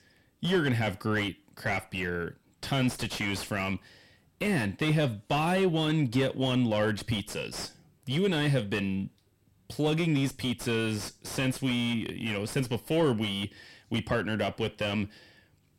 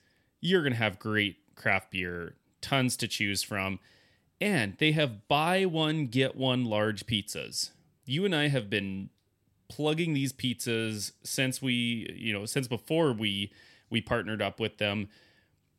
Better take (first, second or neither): second